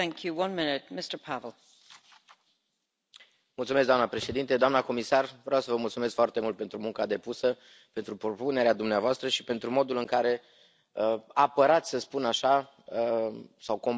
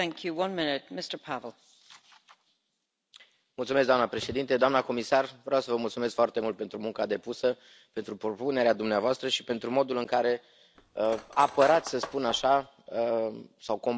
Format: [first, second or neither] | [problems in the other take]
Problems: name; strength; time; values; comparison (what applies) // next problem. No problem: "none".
first | background sound (Cutlery, silverware); 11 dB below the speech